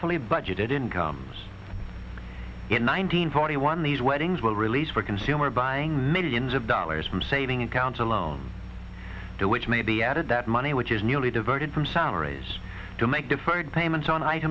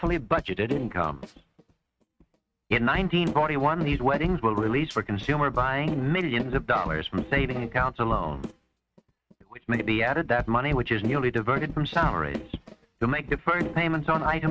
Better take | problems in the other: first | noise reduction (neural mask model RNNoise)

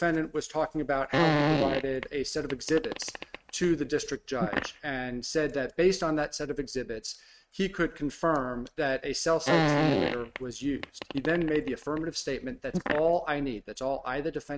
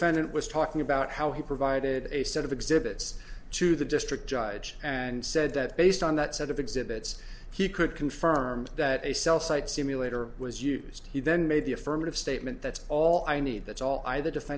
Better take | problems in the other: second | noise reduction (neural mask model RNNoise)

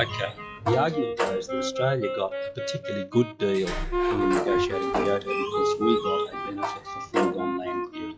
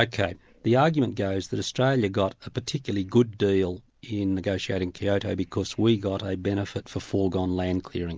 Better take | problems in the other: second | noise reduction (classical method log-MMSE)

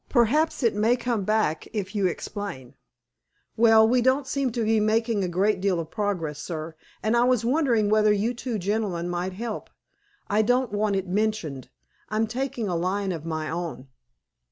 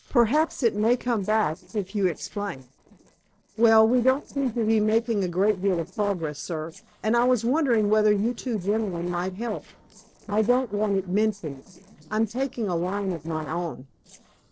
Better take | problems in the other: first | noise reduction (neural separator model SepFormer DNS4)

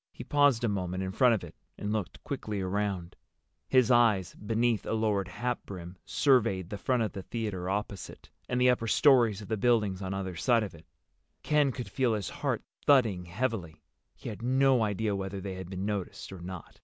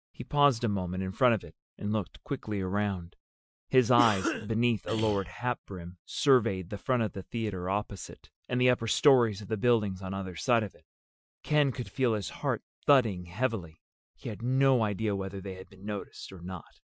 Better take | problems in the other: first | noise reduction (classical method Wiener filter)

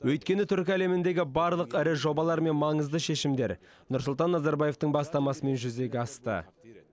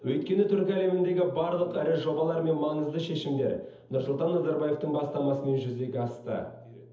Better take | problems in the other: first | room echo; dies away in 0.7 s

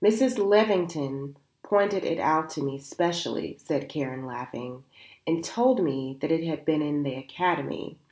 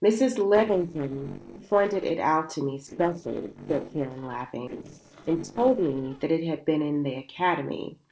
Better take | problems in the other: first | noise reduction (neural separator model SepFormer DNS4)

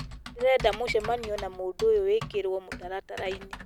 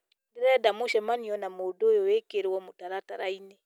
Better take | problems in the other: second | background sound (Typing); 13 dB below the speech

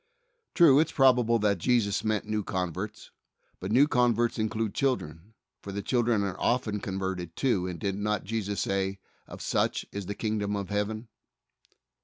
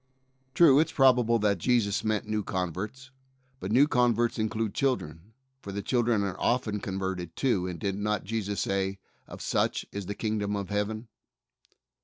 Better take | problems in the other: first | noise reduction (neural separator model SepFormer DNS4)

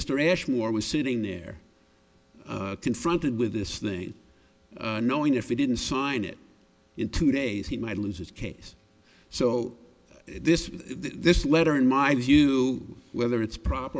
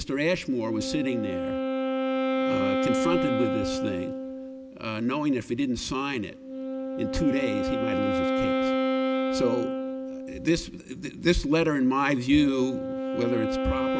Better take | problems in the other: first | background sound (Wind instrument, woodwind instrument); 1 dB below the speech

